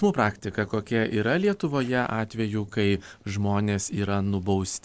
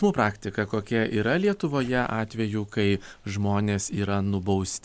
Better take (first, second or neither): second